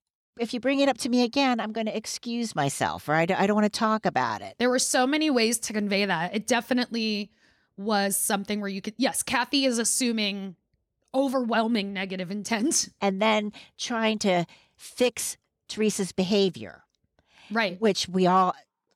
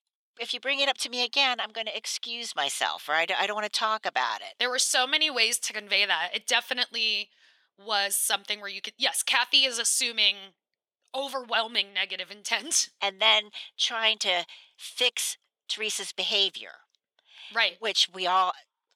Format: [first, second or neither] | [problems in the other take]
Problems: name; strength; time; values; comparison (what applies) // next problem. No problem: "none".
first | thin; very; fading below 750 Hz